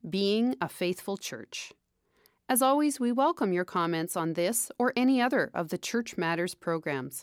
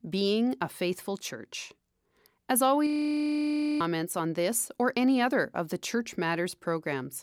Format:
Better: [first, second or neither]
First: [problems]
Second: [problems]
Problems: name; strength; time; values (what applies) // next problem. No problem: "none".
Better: first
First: none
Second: audio freezing; at 3 s for 1 s